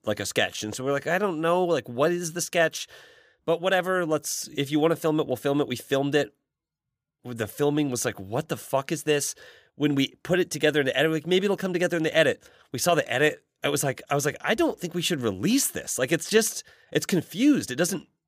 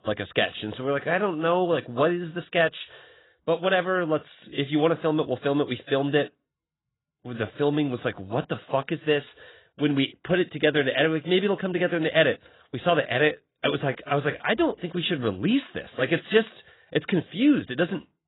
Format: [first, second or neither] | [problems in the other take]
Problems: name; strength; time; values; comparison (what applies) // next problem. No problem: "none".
first | garbled, watery; badly; nothing above 4 kHz